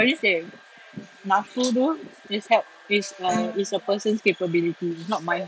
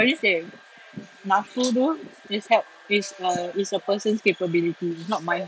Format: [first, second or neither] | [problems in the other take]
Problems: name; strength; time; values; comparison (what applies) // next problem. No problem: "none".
second | background sound (Bowed string instrument); 11 dB below the speech